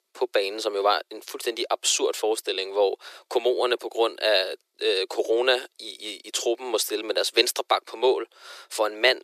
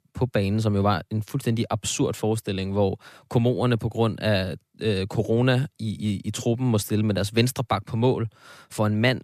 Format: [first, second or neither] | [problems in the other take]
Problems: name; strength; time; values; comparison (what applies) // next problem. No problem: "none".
second | thin; very; fading below 350 Hz